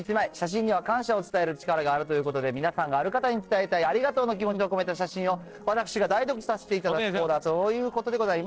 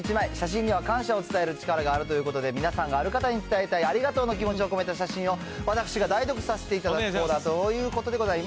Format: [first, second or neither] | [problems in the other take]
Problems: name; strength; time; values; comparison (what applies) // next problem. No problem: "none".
second | noise reduction (neural separator model SepFormer DNS4)